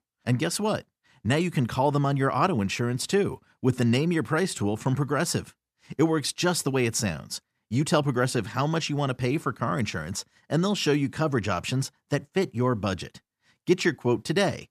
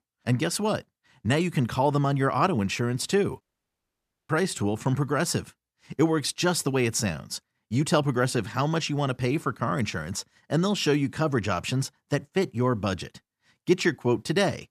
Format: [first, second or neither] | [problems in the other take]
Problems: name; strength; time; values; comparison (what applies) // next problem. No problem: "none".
first | audio cutting out; at 3.5 s for 1 s